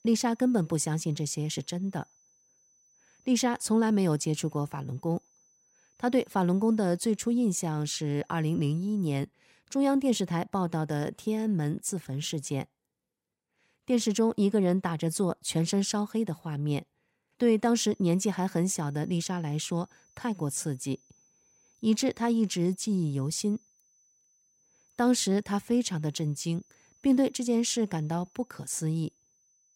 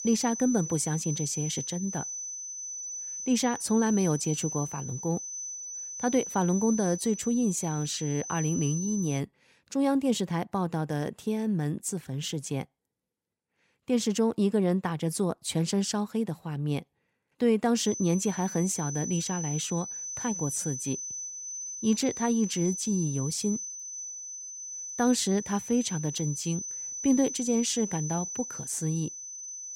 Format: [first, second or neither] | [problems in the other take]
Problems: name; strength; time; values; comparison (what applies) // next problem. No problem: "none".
first | high-pitched whine; loud; until 9 s and from 18 s on; 6 kHz, 6 dB below the speech; faint in the first